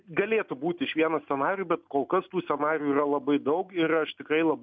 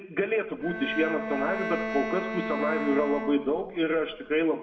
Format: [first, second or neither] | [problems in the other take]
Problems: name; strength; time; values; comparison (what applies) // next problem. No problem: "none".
first | background sound (Bowed string instrument); 6 dB below the speech // room echo; dies away in 0.7 s